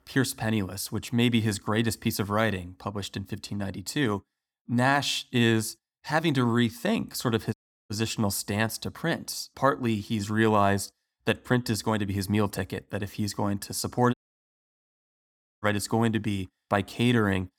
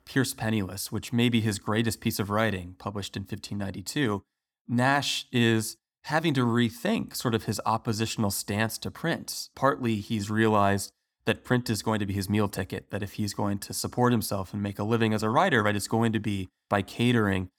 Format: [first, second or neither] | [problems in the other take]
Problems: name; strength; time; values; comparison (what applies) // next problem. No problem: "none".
second | audio cutting out; at 7.5 s and at 14 s for 1.5 s